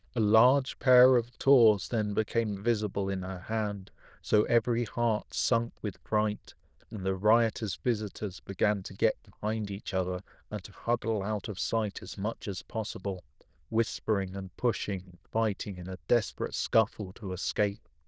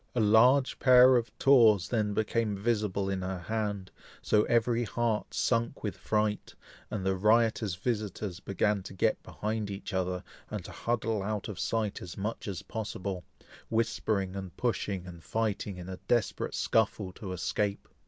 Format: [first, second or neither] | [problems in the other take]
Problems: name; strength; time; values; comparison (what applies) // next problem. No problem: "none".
second | noise reduction (neural diffusion model UNIVERSE++)